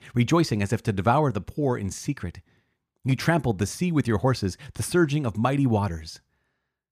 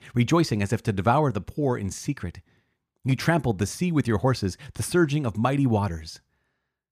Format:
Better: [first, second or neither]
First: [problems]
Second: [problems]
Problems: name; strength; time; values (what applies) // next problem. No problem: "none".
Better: neither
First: none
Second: none